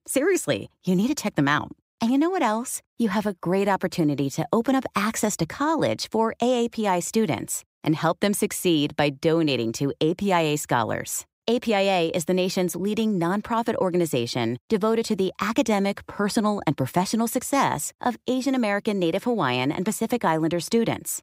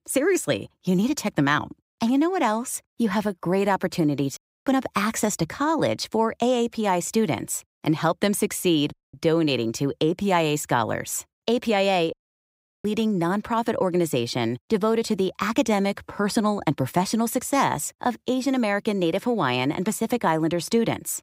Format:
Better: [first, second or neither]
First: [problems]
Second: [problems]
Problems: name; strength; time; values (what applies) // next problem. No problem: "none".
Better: first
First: none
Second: audio cutting out; at 4.5 s, at 9 s and at 12 s for 0.5 s